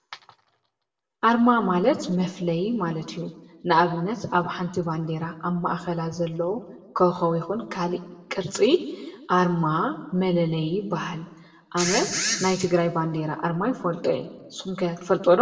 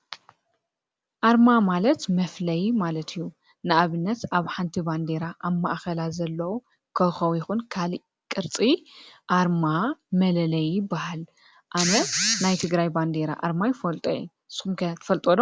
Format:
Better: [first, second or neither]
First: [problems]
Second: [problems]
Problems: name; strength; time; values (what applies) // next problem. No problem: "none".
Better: second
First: room echo; dies away in 0.8 s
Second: none